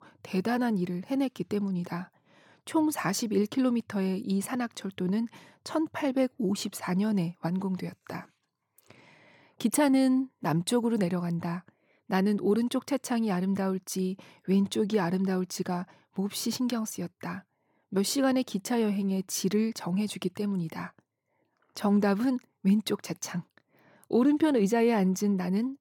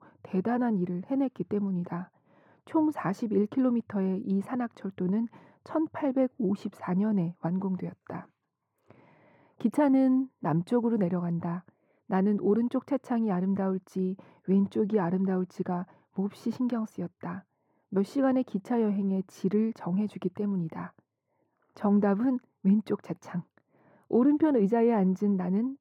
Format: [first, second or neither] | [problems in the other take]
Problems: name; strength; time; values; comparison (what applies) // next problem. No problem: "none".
first | muffled; very; fading above 2.5 kHz